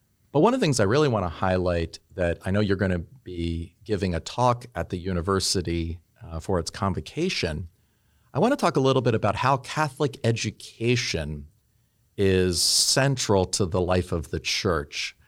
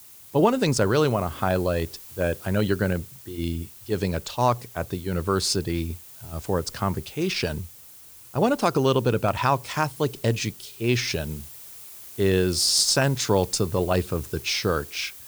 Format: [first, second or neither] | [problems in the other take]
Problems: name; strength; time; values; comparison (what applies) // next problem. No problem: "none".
first | hiss; noticeable; throughout; 15 dB below the speech